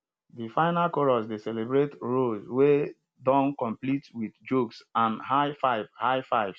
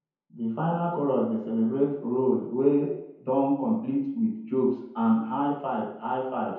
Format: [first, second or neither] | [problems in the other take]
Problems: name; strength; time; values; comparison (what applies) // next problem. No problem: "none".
first | room echo; dies away in 0.9 s